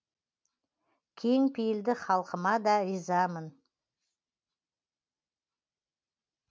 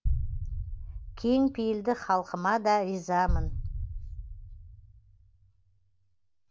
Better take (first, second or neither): first